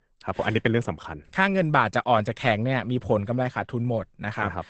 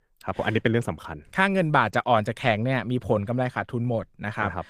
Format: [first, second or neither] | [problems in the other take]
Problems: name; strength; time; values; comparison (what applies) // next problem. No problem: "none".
second | garbled, watery; badly; nothing above 8 kHz; slightly in the second